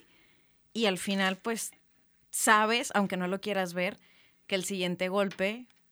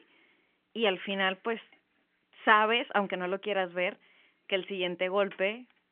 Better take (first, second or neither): first